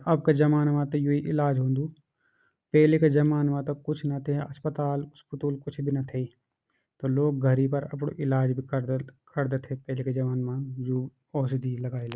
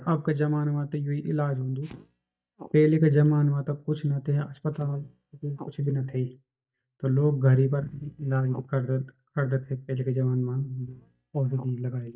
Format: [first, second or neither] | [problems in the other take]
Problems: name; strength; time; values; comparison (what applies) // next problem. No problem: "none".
first | noise reduction (neural mask model DeepFilterNet 3)